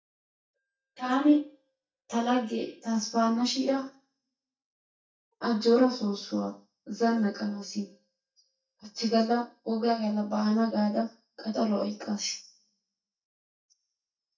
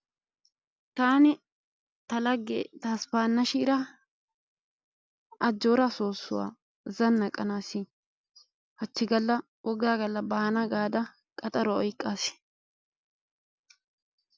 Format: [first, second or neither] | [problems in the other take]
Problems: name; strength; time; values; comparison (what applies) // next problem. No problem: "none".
second | noise reduction (neural mask model DeepFilterNet 3)